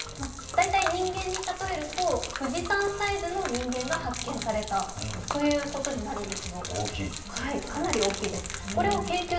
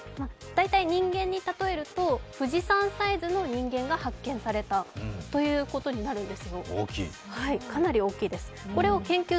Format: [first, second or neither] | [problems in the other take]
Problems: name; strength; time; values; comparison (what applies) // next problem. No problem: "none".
second | background sound (Gurgling / Liquid); 8 dB below the speech // room echo; dies away in 0.8 s